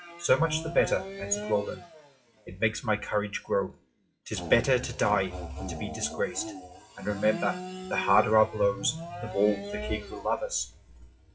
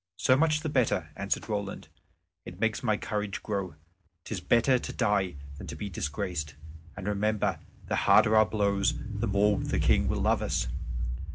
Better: second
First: noise reduction (classical method WPE with log-MMSE)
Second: none

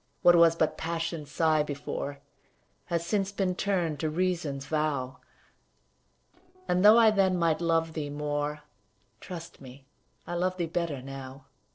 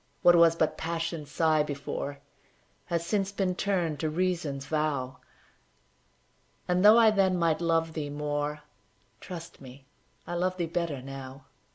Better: second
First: noise reduction (neural separator model SepFormer DNS4)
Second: none

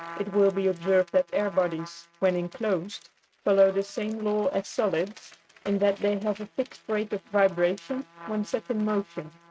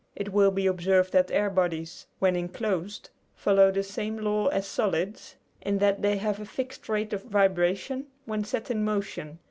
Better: second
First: noise reduction (neural mask model RNNoise)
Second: none

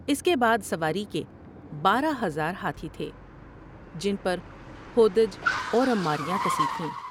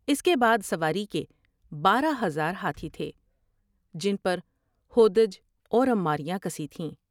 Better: second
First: background sound (Car); 8 dB below the speech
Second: none

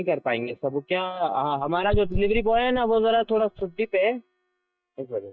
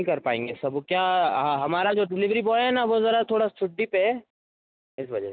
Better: second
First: noise reduction (neural mask model DeepFilterNet 3)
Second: none

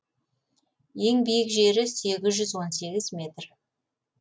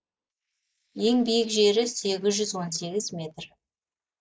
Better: first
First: none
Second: noise reduction (neural mask model Resemble Enhance denoiser)

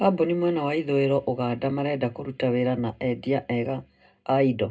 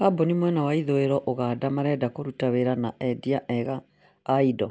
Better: second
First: room echo; dies away in 0.2 s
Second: none

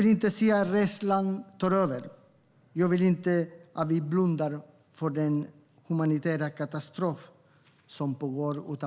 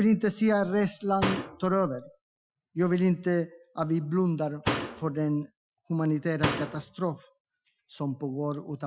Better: first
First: none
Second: noise reduction (classical method Wiener filter)

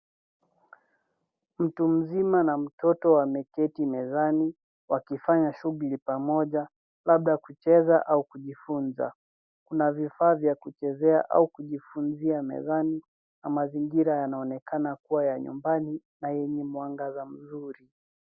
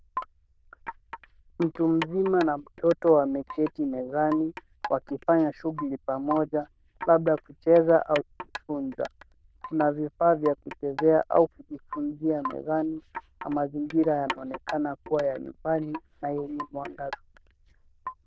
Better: first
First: none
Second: noise reduction (neural diffusion model UNIVERSE++)

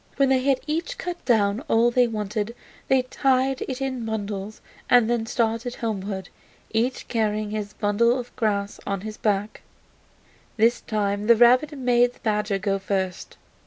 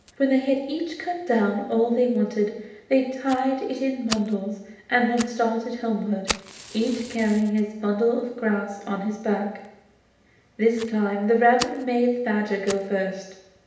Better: first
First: none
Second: background sound (Fire); 17 dB below the speech // room echo; dies away in 0.8 s

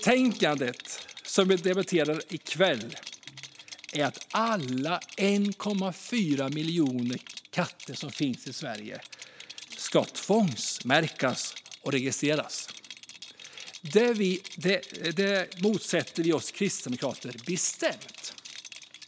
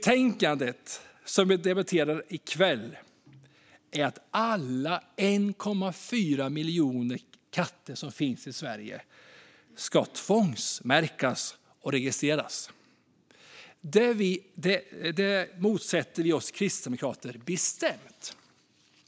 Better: second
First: background sound (Rattle); 16 dB below the speech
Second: none

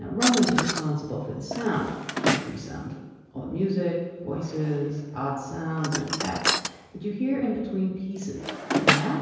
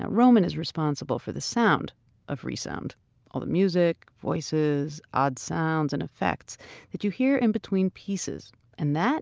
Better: second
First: background sound (Drawer open or close); 3 dB below the speech // room echo; dies away in 1.2 s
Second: none

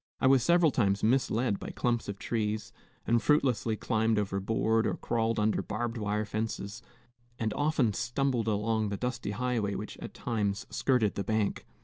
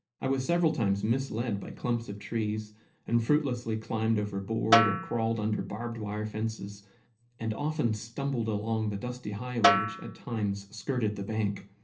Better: first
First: none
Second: background sound (Snare drum); 1 dB below the speech // room echo; dies away in 0.3 s

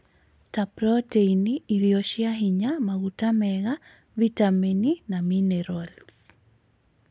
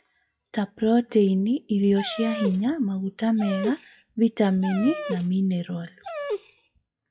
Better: first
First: none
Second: noise reduction (classical method WPE with log-MMSE)

